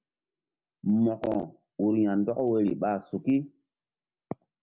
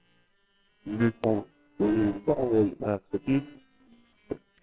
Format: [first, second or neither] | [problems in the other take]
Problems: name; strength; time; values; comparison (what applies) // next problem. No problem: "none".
first | noise reduction (neural separator model SepFormer WHAMR!)